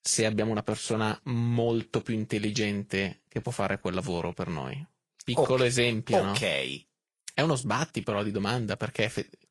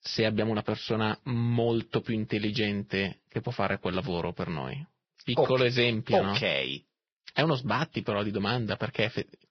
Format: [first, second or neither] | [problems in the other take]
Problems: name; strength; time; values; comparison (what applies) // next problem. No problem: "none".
first | garbled, watery; badly; nothing above 5.5 kHz; slightly in the first